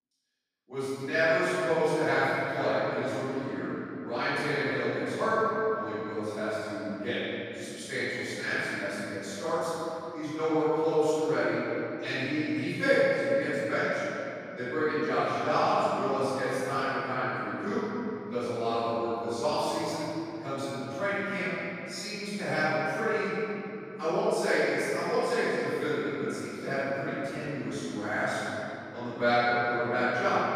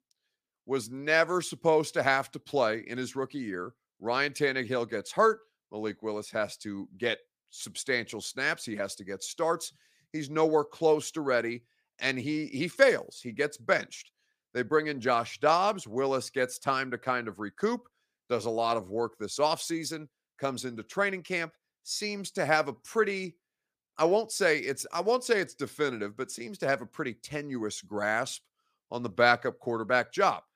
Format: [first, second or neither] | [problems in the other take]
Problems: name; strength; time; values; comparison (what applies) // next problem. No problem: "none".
second | room echo; strong; dies away in 3 s // off-mic speech; far